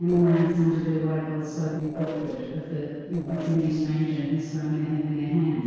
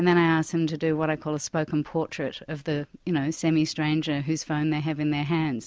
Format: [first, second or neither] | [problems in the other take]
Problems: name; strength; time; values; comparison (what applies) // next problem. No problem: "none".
second | noise reduction (neural separator model SepFormer DNS4)